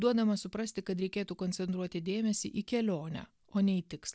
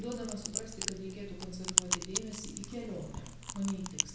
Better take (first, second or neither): first